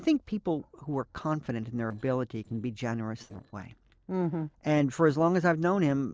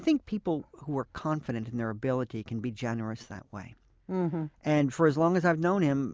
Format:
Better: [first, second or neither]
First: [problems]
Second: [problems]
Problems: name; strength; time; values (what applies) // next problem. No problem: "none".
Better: second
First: noise reduction (neural separator model SepFormer DNS4)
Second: none